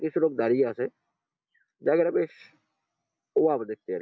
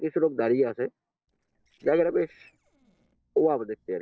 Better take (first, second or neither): first